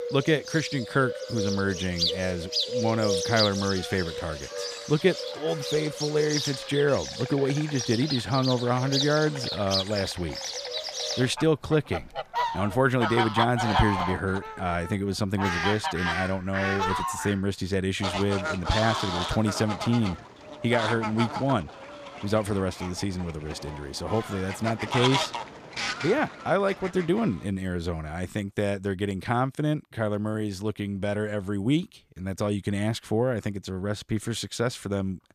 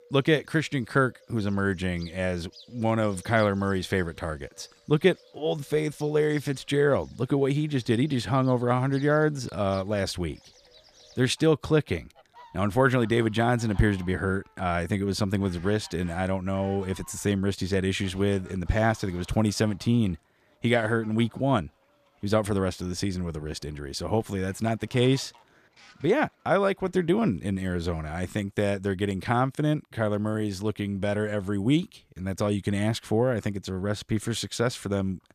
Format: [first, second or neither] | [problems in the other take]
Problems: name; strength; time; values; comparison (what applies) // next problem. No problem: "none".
second | animal sounds; loud; until 27 s; 3 dB below the speech; faint in the second